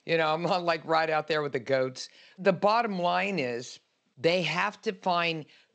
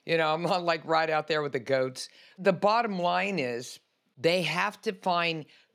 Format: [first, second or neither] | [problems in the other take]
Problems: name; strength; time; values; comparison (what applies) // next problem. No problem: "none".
second | garbled, watery; slightly; nothing above 7.5 kHz